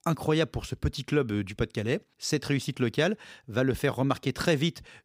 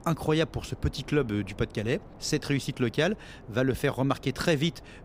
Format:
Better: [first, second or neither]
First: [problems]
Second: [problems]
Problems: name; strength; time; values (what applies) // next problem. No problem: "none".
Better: first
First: none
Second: wind noise on the microphone; occasional gusts; 20 dB below the speech